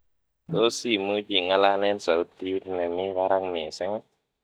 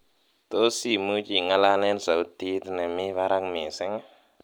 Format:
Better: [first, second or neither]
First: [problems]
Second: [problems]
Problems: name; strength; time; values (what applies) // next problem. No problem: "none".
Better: second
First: noise reduction (neural mask model DeepFilterNet 3)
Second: none